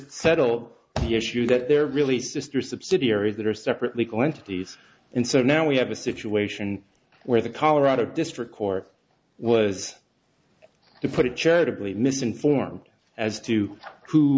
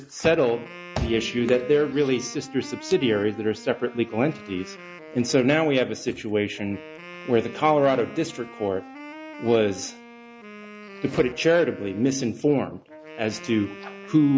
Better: first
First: none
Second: background sound (Wind instrument, woodwind instrument); 17 dB below the speech

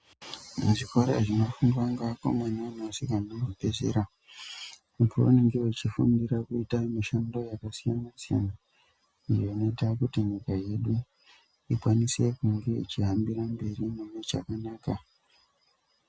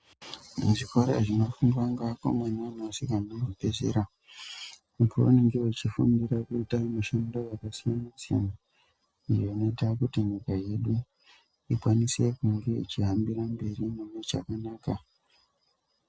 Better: first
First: none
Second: noise reduction (neural separator model SepFormer DNS4)

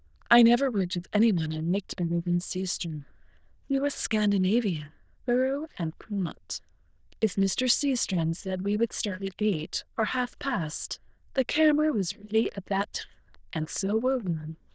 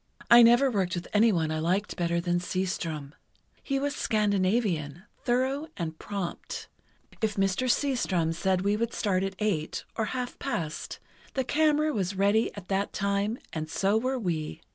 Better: second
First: noise reduction (neural diffusion model UNIVERSE++)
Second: none

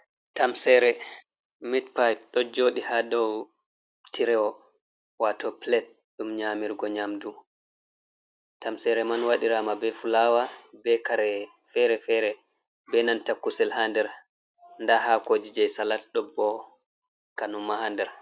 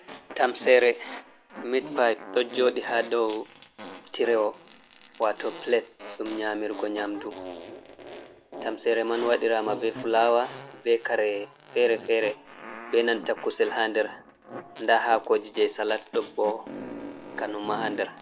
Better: first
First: none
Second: background sound (Fart); 15 dB below the speech

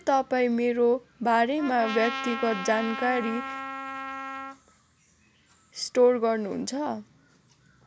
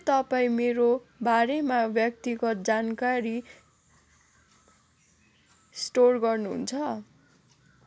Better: second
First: background sound (Trumpet); 8 dB below the speech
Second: none

